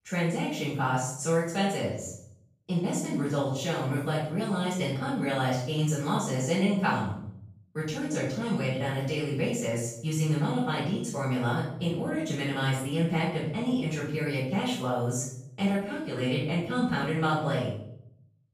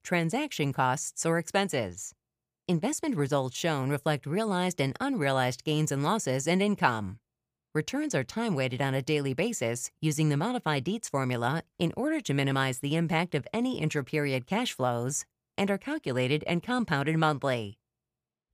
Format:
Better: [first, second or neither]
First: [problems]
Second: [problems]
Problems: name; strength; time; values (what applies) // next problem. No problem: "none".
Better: second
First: off-mic speech; far // room echo; noticeable; dies away in 0.6 s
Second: none